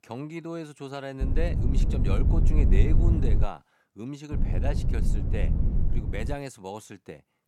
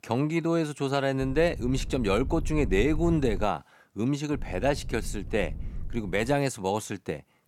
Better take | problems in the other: second | low rumble; loud; from 1 to 3.5 s and from 4.5 to 6.5 s; 3 dB below the speech; faint in the second

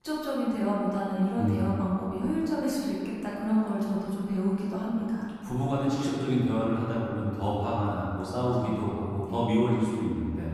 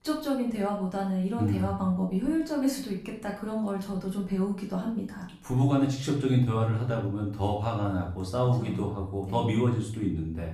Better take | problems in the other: second | room echo; strong; dies away in 2 s; slight in the second // off-mic speech; far; far in the second

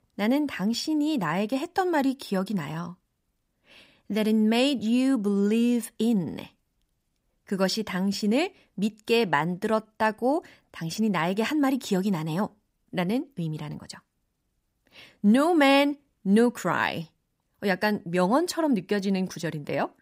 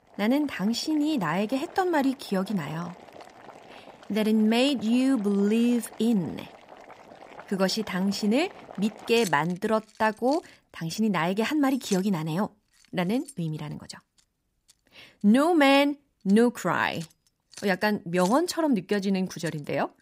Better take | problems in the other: first | household noises; faint; throughout; 20 dB below the speech

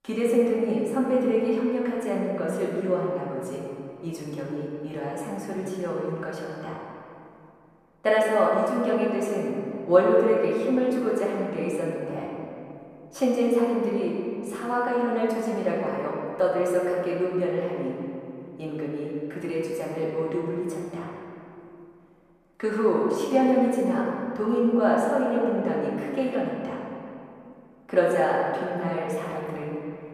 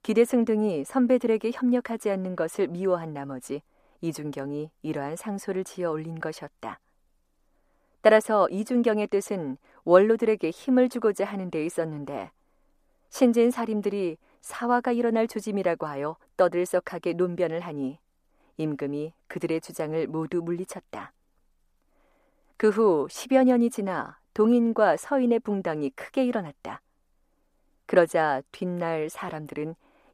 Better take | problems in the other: second | off-mic speech; far // room echo; noticeable; dies away in 2.3 s

